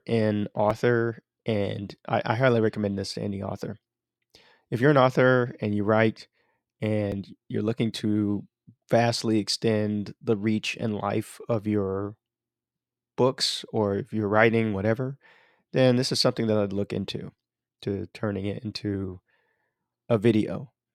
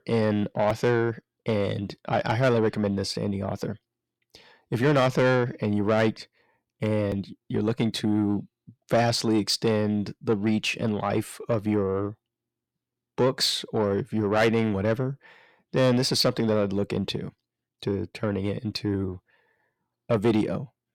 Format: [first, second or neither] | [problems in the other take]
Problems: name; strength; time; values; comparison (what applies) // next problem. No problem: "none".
first | distortion; slight; 10 dB below the speech